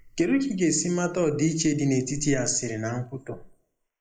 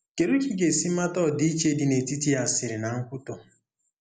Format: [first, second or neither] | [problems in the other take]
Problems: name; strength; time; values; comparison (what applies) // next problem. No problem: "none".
second | noise reduction (neural mask model Resemble Enhance denoiser)